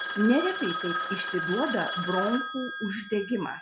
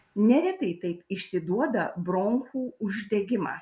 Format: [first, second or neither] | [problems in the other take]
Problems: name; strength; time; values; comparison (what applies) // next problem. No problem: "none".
second | background sound (Telephone); 4 dB below the speech